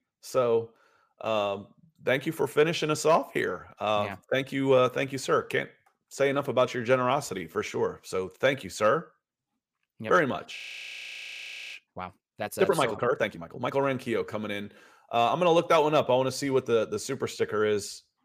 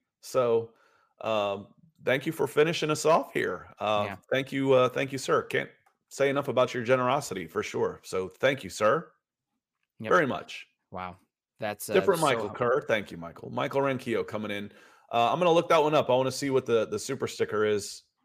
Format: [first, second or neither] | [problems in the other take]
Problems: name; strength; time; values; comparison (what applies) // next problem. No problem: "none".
second | audio freezing; at 11 s for 1 s